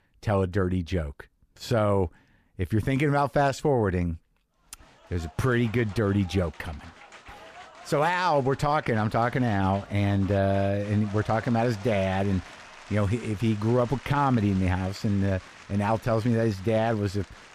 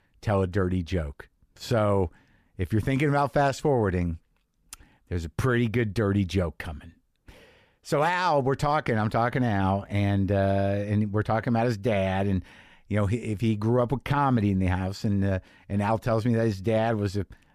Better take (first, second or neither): second